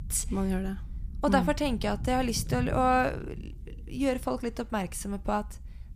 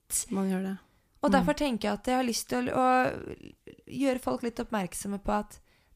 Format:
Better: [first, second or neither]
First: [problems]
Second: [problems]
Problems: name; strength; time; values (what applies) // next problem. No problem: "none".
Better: second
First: low rumble; faint; throughout; 20 dB below the speech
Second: none